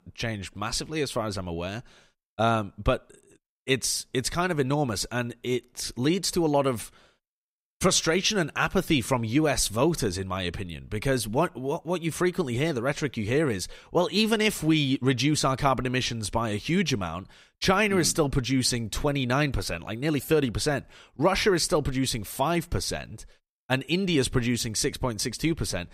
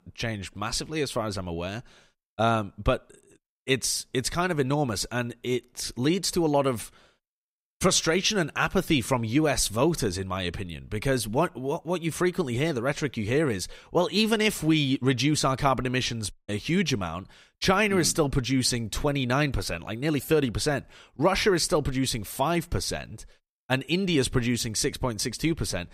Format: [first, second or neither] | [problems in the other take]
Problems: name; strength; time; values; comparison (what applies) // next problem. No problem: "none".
first | audio cutting out; at 16 s